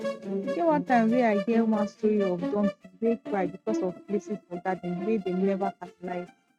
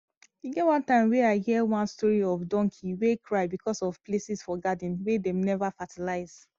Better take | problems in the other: second | noise reduction (neural mask model RNNoise)

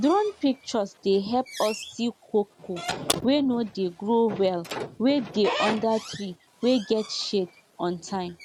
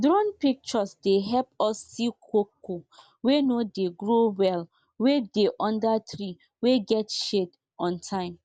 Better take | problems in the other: second | background sound (Squeak / Slam); 10 dB below the speech

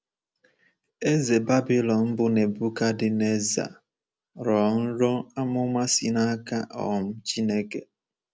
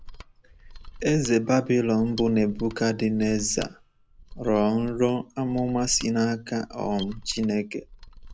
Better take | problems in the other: first | background sound (Mechanisms); 16 dB below the speech

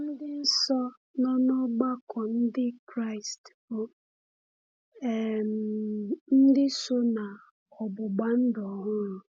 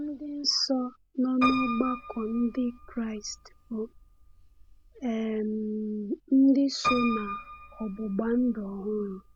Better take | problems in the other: first | background sound (Piano); 9 dB below the speech

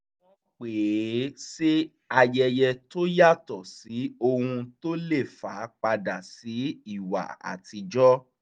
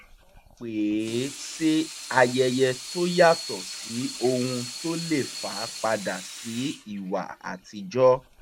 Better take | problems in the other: first | background sound (Sink (filling or washing) / Water tap, faucet); 12 dB below the speech

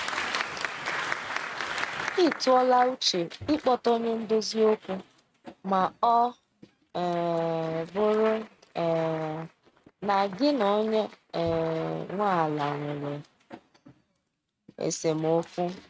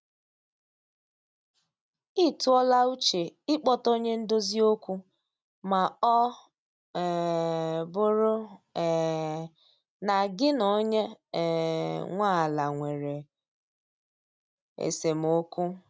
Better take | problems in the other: second | noise reduction (neural mask model RNNoise)

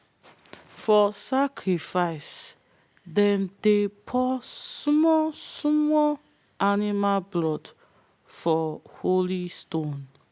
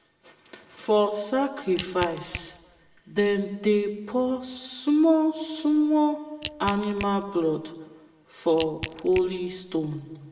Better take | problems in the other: first | background sound (Crack / Crushing); 14 dB below the speech // room echo; dies away in 0.9 s

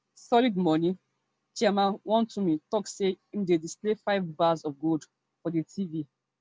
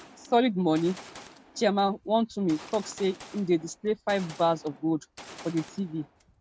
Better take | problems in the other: first | background sound (Gunshot, gunfire); 20 dB below the speech

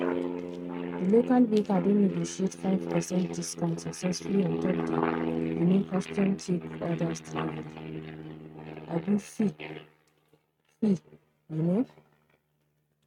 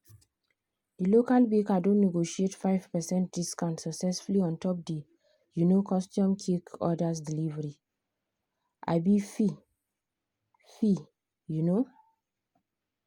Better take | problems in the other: second | noise reduction (neural mask model RNNoise)

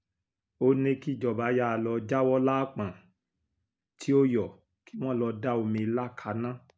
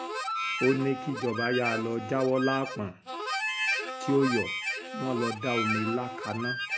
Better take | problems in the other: first | background sound (Wind instrument, woodwind instrument + Harmonica); 3 dB below the speech

